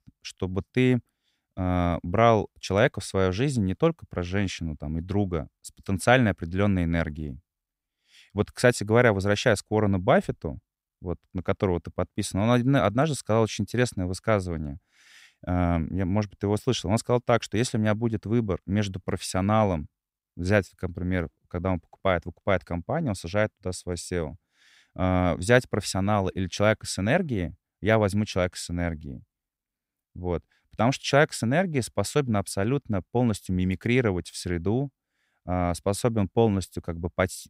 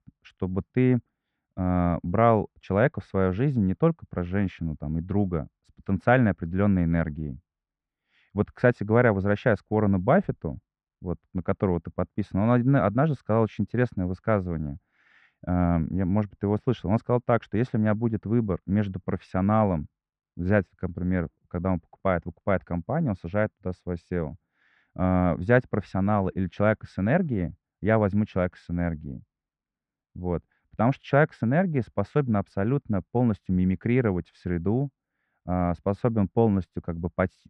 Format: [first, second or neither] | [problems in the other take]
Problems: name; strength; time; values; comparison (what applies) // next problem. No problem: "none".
first | muffled; very; fading above 1.5 kHz